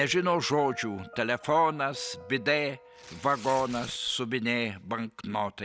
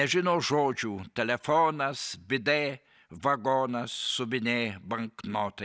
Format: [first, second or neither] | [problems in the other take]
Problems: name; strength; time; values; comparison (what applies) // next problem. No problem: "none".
second | background sound (Tearing + Piano); 19 dB below the speech